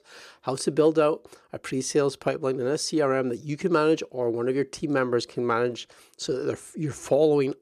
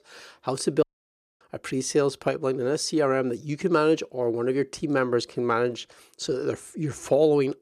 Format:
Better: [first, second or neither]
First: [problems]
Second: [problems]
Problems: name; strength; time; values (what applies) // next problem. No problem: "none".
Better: first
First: none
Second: audio cutting out; at 1 s for 0.5 s